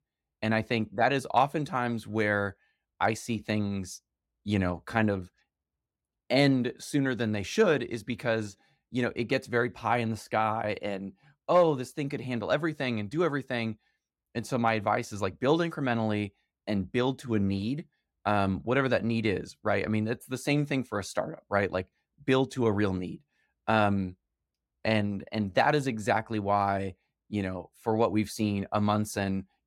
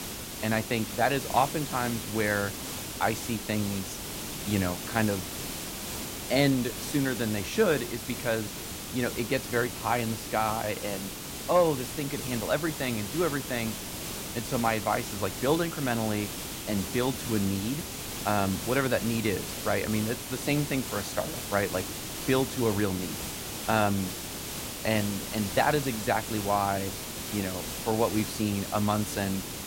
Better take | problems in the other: first | hiss; loud; throughout; 5 dB below the speech

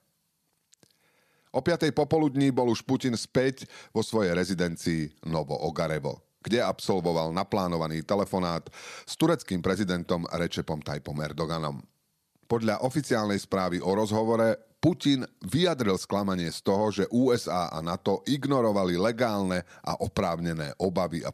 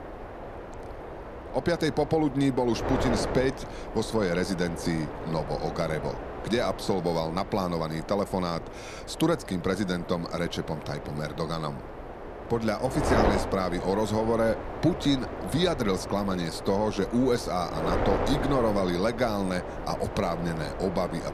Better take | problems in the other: first | wind noise on the microphone; heavy; 6 dB below the speech

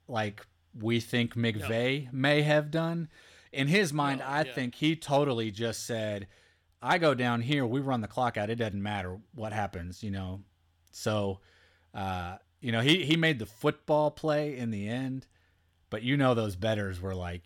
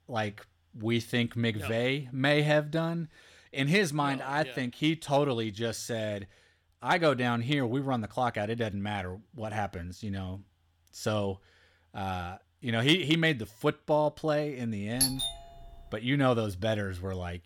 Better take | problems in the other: first | doorbell; loud; at 15 s; peak 3 dB above the speech

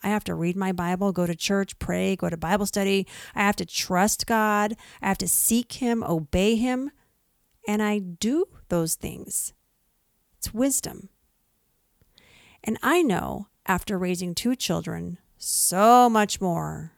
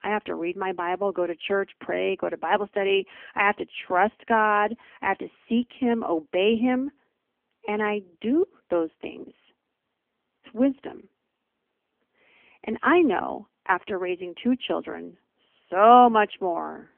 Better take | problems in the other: first | phone-call audio; poor line; nothing above 3 kHz

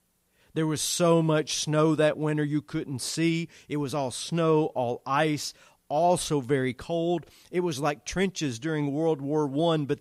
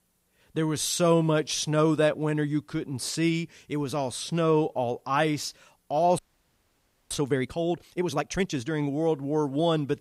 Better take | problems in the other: first | audio freezing; at 6 s for 1 s

